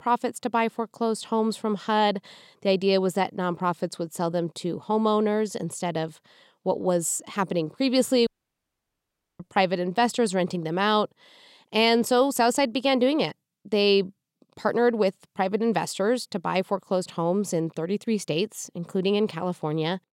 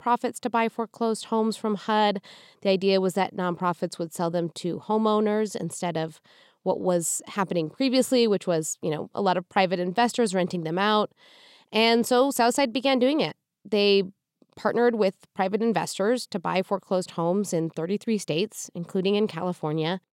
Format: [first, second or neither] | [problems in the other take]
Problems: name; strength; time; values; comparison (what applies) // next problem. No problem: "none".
second | audio cutting out; at 8.5 s for 1 s